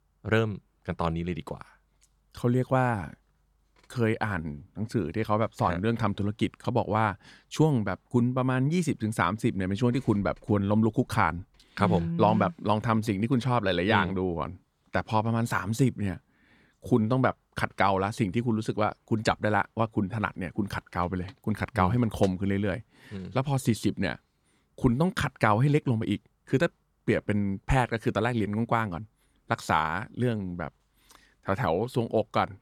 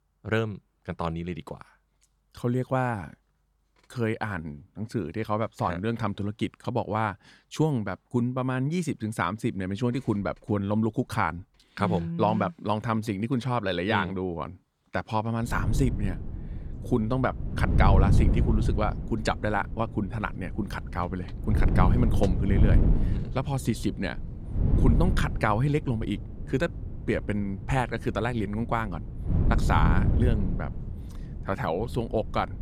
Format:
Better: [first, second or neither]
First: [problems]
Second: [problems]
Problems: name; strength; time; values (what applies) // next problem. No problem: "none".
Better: first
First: none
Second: wind noise on the microphone; heavy; from 16 s on; 9 dB below the speech